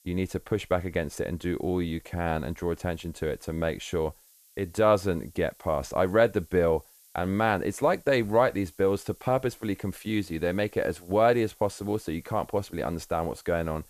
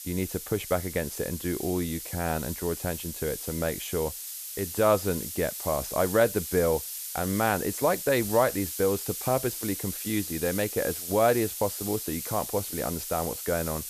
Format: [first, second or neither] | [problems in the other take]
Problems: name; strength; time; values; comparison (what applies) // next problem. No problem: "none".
first | hiss; loud; throughout; 6 dB below the speech; faint in the first